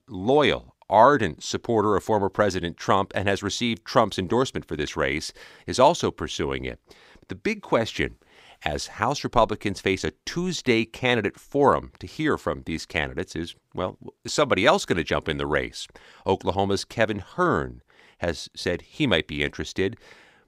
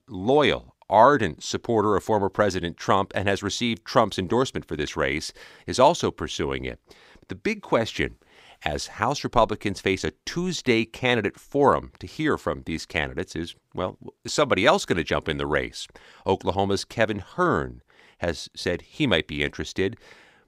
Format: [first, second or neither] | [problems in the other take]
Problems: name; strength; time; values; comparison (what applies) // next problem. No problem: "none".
neither | none